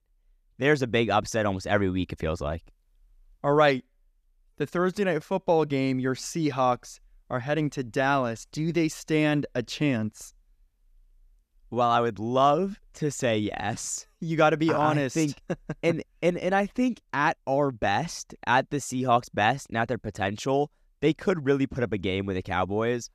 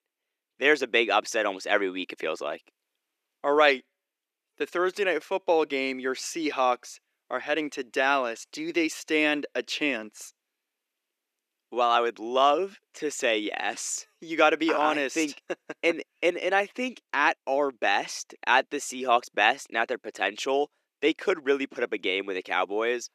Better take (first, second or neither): first